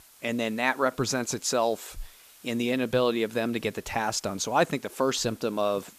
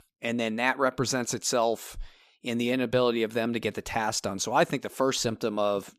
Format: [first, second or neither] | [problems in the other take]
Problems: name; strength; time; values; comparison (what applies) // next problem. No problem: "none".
second | hiss; faint; throughout; 25 dB below the speech